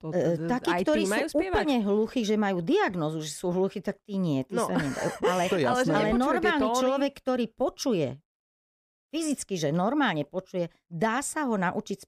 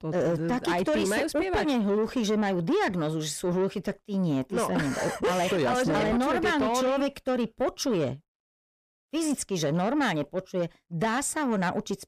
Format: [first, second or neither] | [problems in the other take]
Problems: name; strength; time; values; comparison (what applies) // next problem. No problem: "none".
first | distortion; slight; 10 dB below the speech